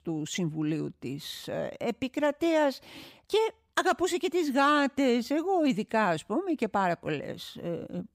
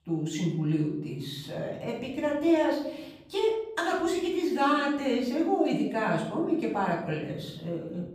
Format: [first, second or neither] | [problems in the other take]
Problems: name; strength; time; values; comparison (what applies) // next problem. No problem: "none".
first | off-mic speech; far // room echo; noticeable; dies away in 1 s